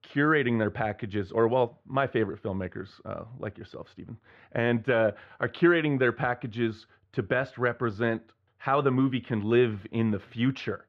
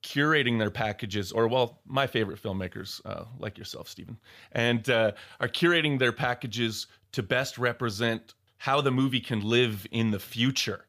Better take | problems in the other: second | muffled; very; fading above 1.5 kHz

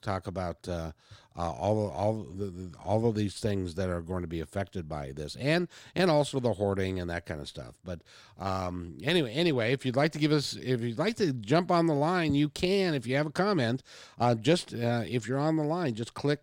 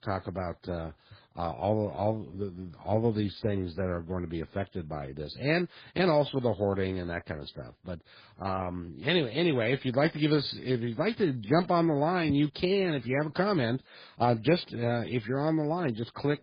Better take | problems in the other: first | garbled, watery; badly; nothing above 5 kHz

